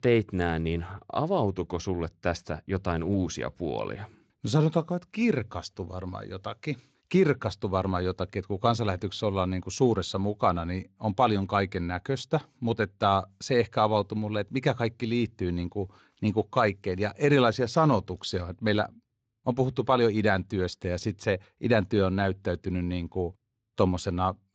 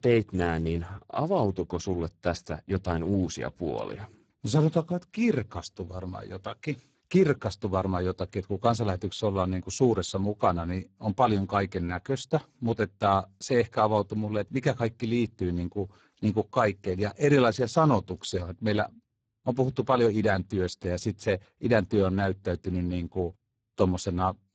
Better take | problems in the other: first | garbled, watery; badly; nothing above 7.5 kHz; slightly in the first

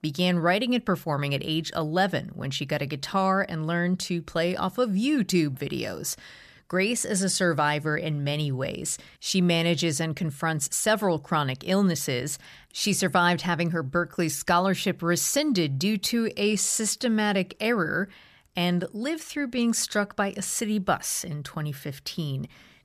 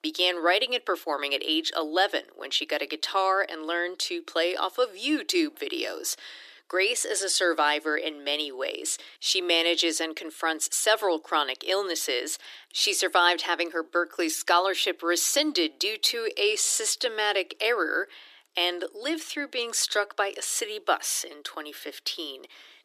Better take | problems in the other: first | thin; very; fading below 300 Hz

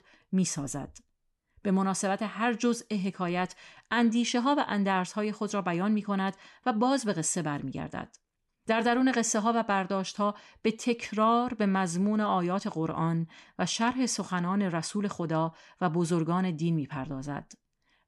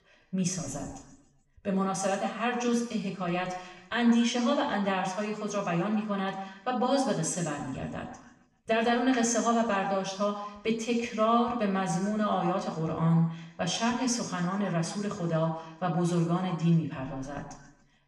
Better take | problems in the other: first | room echo; noticeable; dies away in 1 s // off-mic speech; somewhat distant

